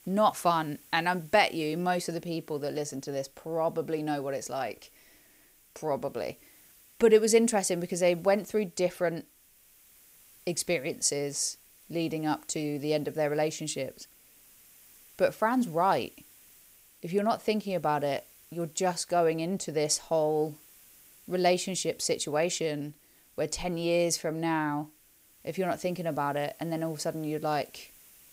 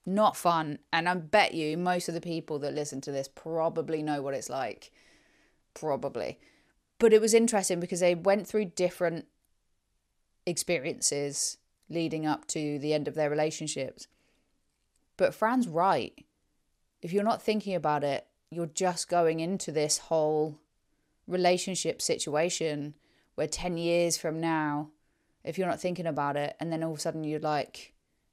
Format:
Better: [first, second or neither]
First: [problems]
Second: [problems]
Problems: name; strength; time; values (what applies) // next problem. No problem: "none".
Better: second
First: hiss; faint; throughout; 25 dB below the speech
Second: none